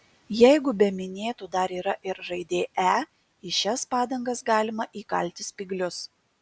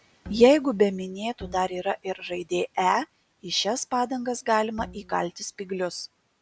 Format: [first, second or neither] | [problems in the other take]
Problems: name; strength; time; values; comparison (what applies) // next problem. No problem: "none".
first | background sound (Bowed string instrument); 20 dB below the speech